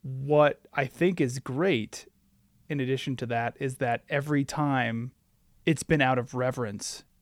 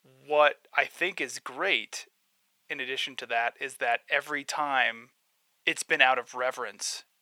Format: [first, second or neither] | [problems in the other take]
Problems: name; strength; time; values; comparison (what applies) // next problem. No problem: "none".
first | thin; very; fading below 750 Hz